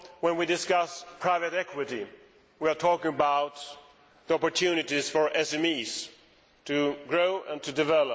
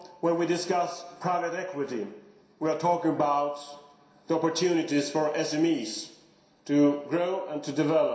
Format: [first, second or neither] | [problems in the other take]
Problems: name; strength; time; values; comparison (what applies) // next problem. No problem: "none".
first | room echo; dies away in 0.7 s